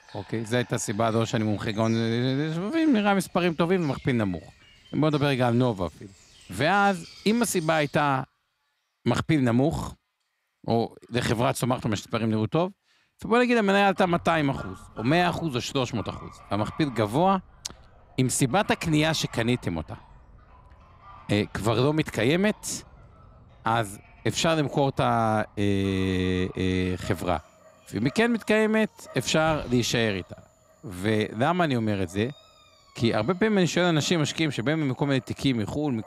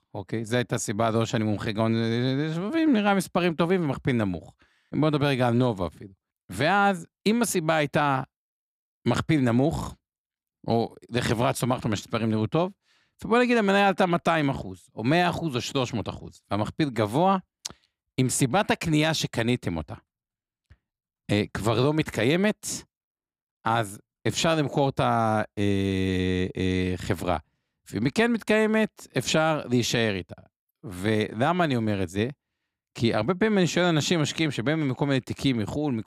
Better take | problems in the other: second | animal sounds; faint; throughout; 25 dB below the speech

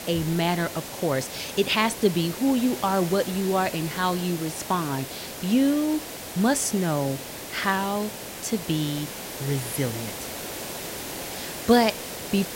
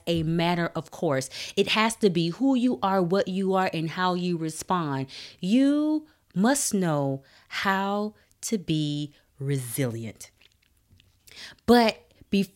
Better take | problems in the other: second | hiss; loud; throughout; 9 dB below the speech

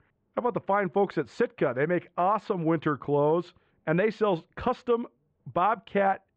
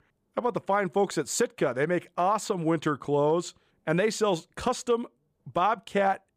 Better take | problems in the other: second | muffled; very; fading above 2.5 kHz

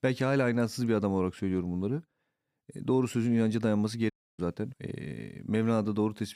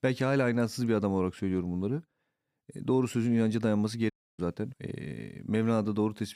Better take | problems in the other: neither | audio cutting out; at 4 s; the same in both

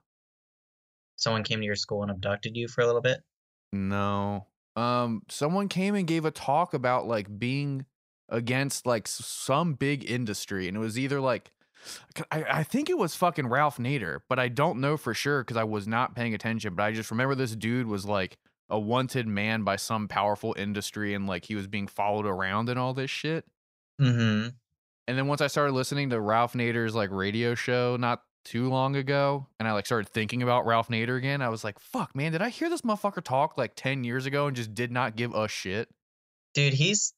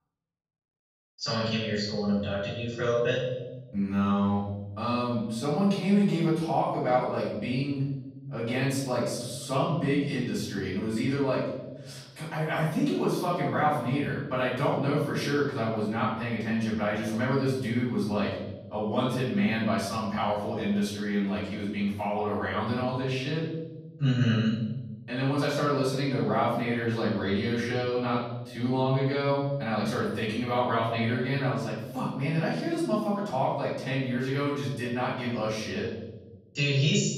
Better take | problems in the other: first | room echo; noticeable; dies away in 1.4 s // off-mic speech; far

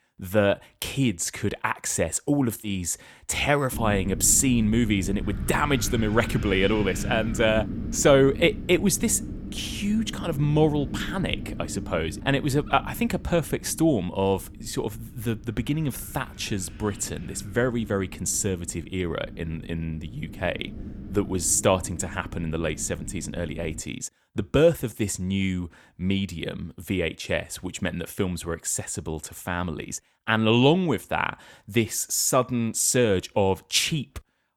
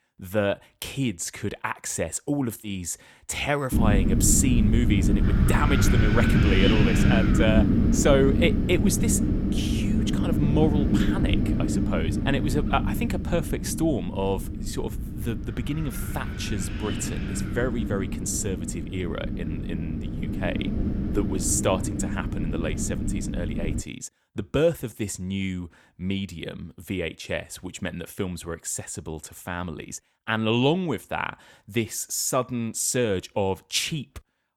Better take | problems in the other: first | wind noise on the microphone; heavy; from 3.5 to 24 s; 3 dB below the speech; occasional gusts in the first

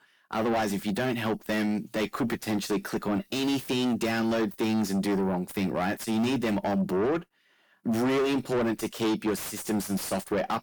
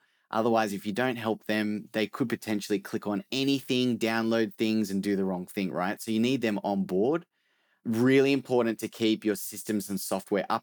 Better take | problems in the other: second | distortion; heavy; 6 dB below the speech

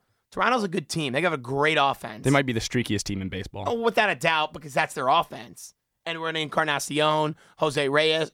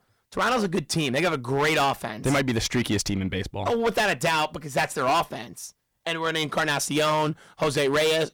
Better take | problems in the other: first | distortion; heavy; 12% of the sound clipped

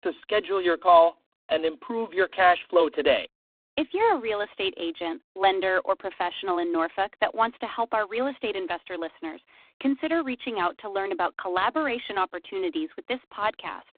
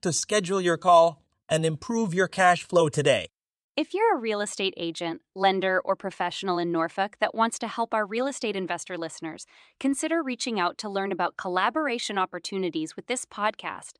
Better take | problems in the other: second | phone-call audio; poor line

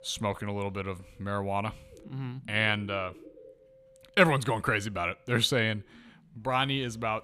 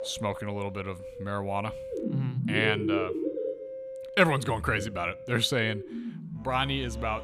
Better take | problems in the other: first | background music; loud; throughout; 6 dB below the speech; faint in the first

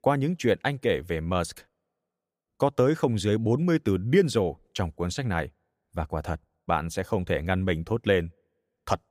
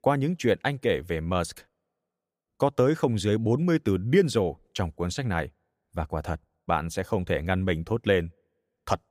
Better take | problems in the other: neither | none

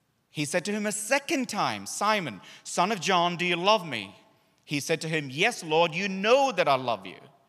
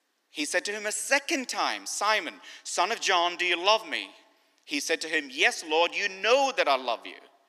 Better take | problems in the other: first | thin; very slightly; fading below 300 Hz

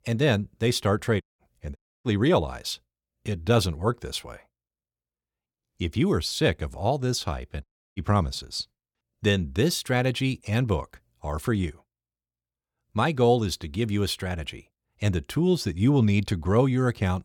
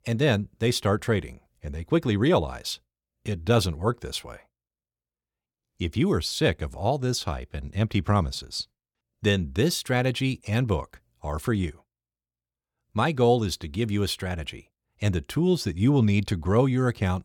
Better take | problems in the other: second | audio cutting out; at 1 s, at 2 s and at 7.5 s

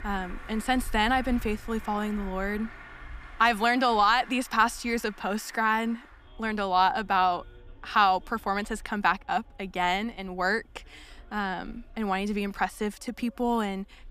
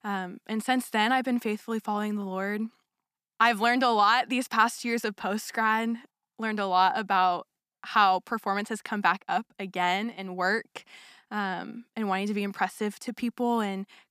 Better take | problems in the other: second | traffic noise; faint; throughout; 20 dB below the speech

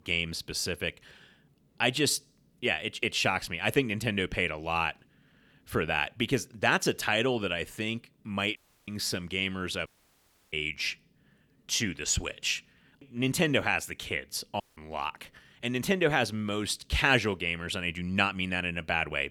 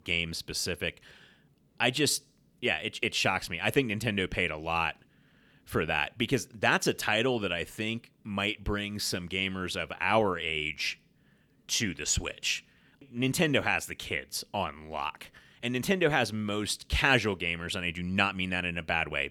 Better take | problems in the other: second | audio cutting out; at 8.5 s, at 10 s for 0.5 s and at 15 s

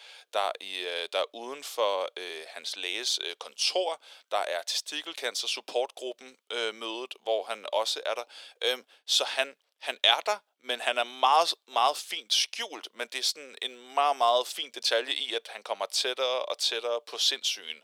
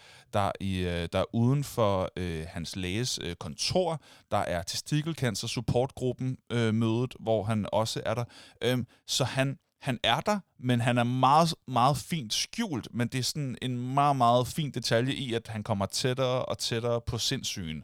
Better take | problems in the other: second | thin; very; fading below 400 Hz

